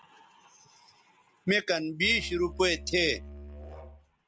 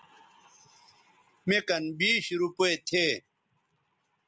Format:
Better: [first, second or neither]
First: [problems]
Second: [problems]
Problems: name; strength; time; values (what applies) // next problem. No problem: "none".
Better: second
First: background sound (Musical instrument); 13 dB below the speech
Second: none